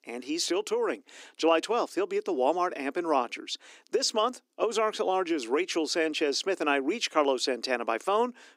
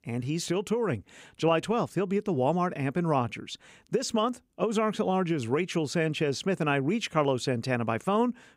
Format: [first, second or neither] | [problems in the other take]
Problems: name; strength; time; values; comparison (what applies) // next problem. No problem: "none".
second | thin; somewhat; fading below 300 Hz